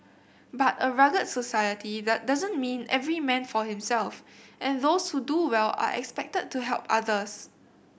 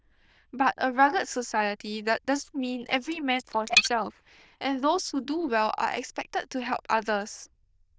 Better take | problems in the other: first | noise reduction (neural diffusion model UNIVERSE++)

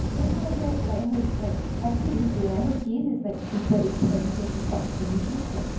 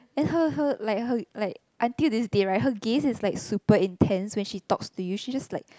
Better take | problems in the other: second | background sound (Fire); 1 dB below the speech // room echo; dies away in 0.9 s

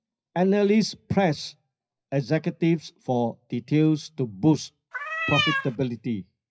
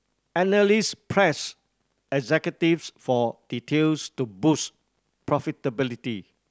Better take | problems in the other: second | noise reduction (classical method WPE with log-MMSE)

